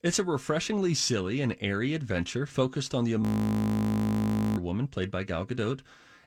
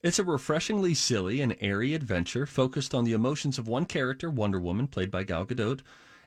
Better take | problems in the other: second | audio freezing; at 3 s for 1.5 s

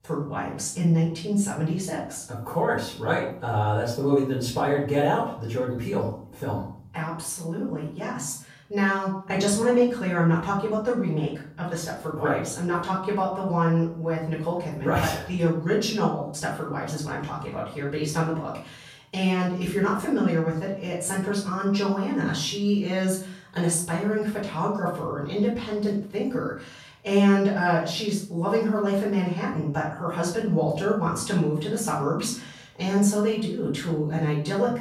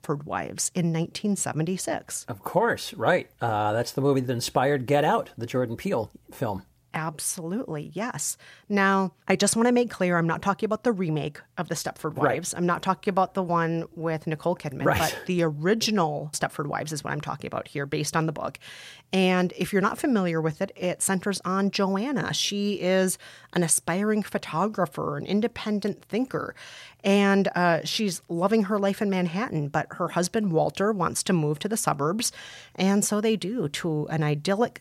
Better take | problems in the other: second | room echo; noticeable; dies away in 0.5 s // off-mic speech; far

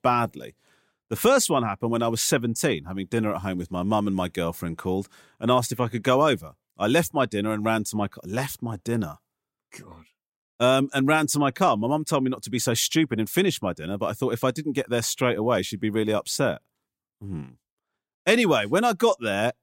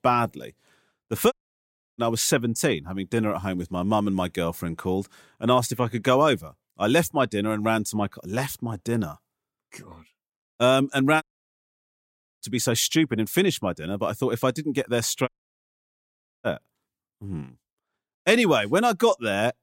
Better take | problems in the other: first | audio cutting out; at 1.5 s for 0.5 s, at 11 s for 1 s and at 15 s for 1 s

